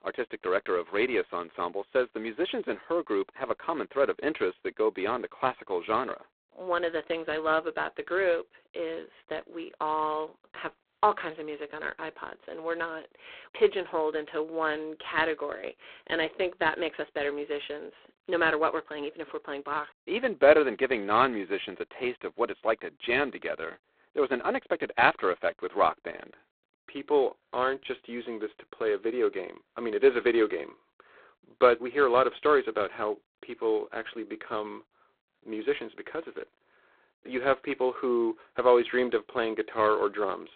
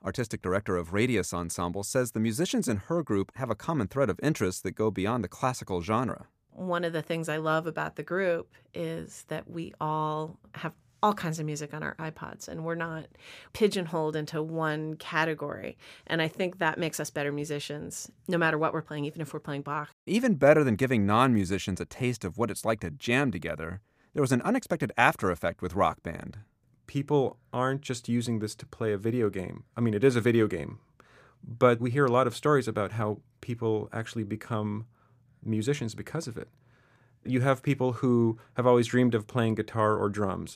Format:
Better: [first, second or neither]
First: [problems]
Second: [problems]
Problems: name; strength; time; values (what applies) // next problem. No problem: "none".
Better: second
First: phone-call audio; poor line; nothing above 4 kHz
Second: none